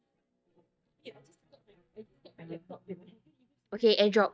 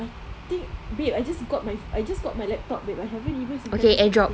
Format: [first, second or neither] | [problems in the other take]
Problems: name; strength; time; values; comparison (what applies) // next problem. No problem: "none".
second | noise reduction (neural mask model DeepFilterNet 3)